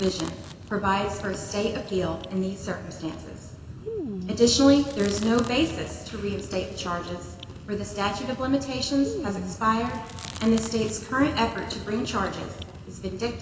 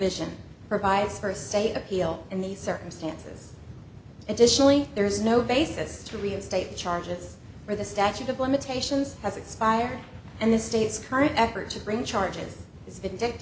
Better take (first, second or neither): second